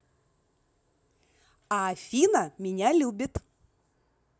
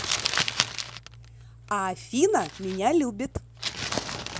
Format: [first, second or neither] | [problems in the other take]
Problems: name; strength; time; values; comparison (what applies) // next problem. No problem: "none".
first | background sound (Crumpling, crinkling); 4 dB below the speech